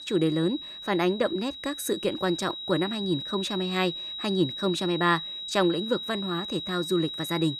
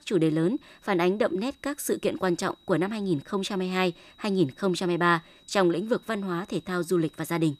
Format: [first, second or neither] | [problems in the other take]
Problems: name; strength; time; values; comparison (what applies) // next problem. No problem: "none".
second | high-pitched whine; loud; throughout; 4 kHz, 6 dB below the speech; faint in the second